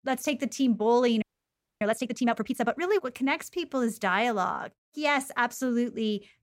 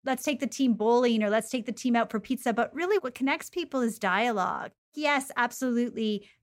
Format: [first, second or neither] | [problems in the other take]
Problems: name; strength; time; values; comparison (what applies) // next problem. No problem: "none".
second | audio freezing; at 1 s for 0.5 s